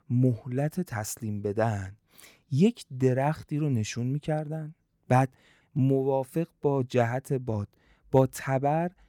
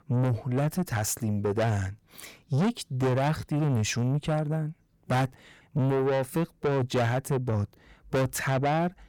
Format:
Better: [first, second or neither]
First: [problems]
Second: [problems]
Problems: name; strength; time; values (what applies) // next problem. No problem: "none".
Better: first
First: none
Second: distortion; heavy; 6 dB below the speech